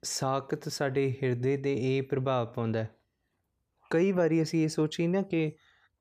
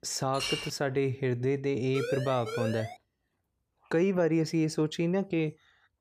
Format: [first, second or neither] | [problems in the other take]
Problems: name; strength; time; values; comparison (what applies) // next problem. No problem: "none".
first | clattering dishes; noticeable; at 0.5 s; peak 3 dB below the speech // siren; noticeable; from 2 to 3 s; peak 6 dB below the speech